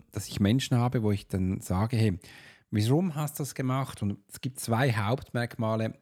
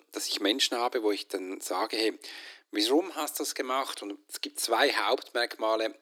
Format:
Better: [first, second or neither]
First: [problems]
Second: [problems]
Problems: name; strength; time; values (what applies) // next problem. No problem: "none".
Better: first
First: none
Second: thin; very; fading below 300 Hz